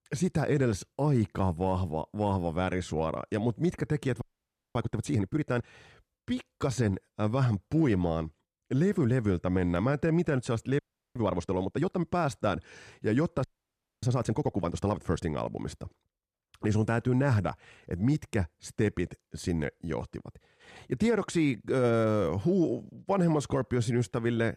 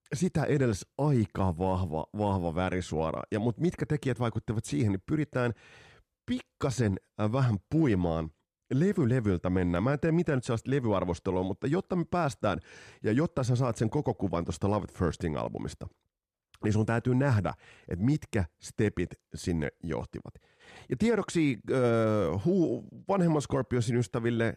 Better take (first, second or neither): second